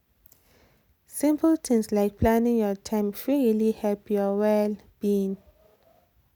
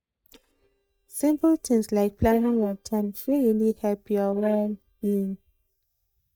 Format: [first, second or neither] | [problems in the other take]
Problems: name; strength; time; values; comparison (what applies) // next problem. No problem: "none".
first | noise reduction (neural mask model DeepFilterNet 3)